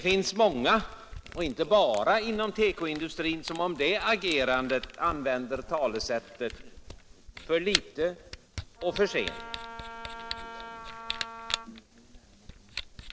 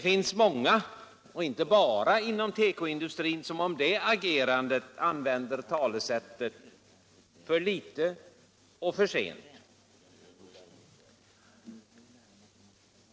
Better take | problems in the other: second | background sound (Camera + Wind instrument, woodwind instrument); 11 dB below the speech

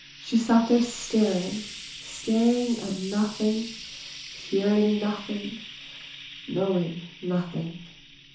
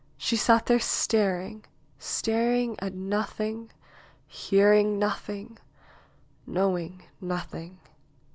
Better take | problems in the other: second | background sound (Frying (food)); 15 dB below the speech // room echo; dies away in 0.9 s

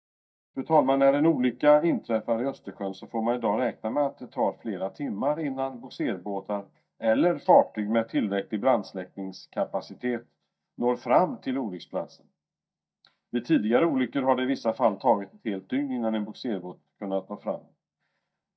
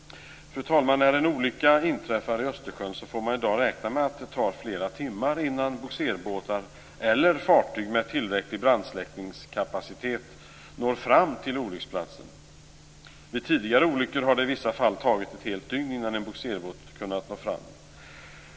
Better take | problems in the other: second | noise reduction (neural mask model DeepFilterNet 3)

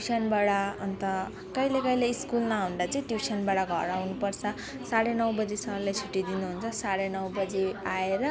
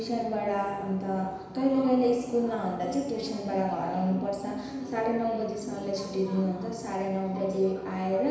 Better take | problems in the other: first | room echo; dies away in 1 s

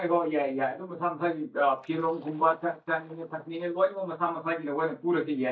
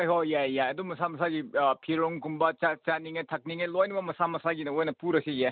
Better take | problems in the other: second | noise reduction (neural mask model DeepFilterNet 3)

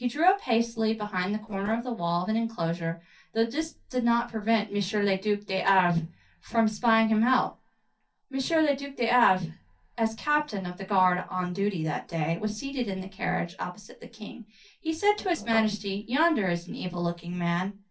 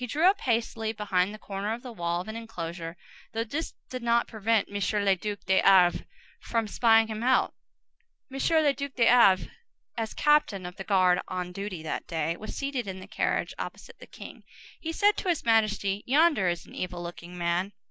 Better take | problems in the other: second | noise reduction (neural separator model SepFormer DNS4)

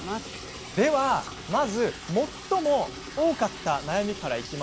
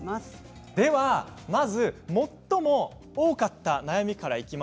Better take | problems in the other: second | background sound (Liquid); 13 dB below the speech

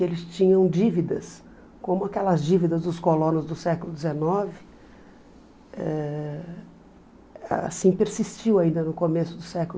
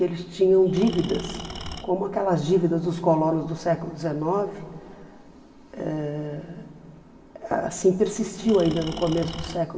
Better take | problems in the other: first | background sound (Engine / Tools); 12 dB below the speech // room echo; dies away in 2 s

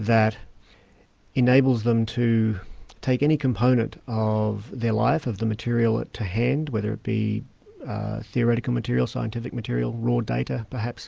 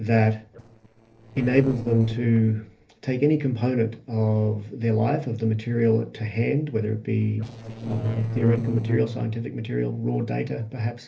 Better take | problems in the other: first | noise reduction (neural separator model SepFormer DNS4)

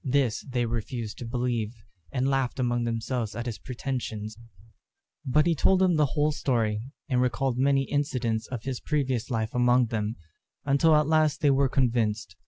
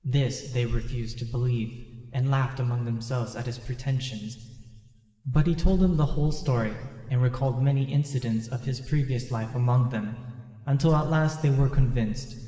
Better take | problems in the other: first | room echo; dies away in 1.7 s

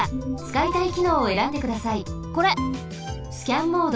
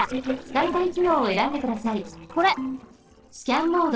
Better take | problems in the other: first | noise reduction (neural separator model SepFormer DNS4)

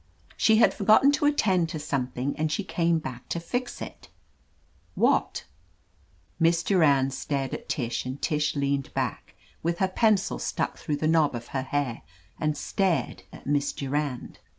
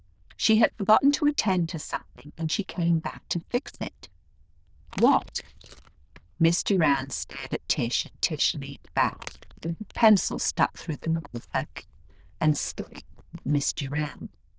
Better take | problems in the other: first | noise reduction (neural diffusion model UNIVERSE++)

